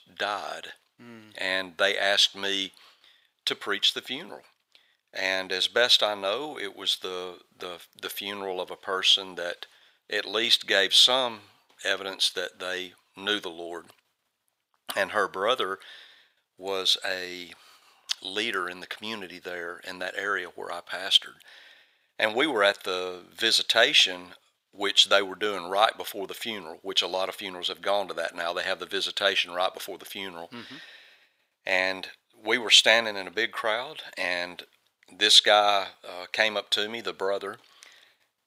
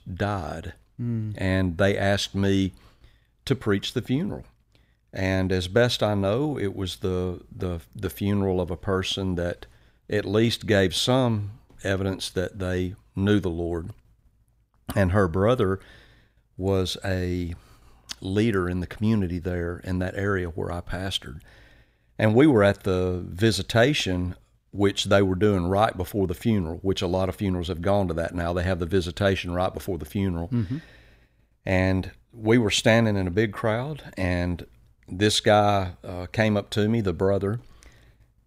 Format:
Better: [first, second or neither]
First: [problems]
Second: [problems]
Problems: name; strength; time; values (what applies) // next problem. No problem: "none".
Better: second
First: thin; very; fading below 700 Hz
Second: none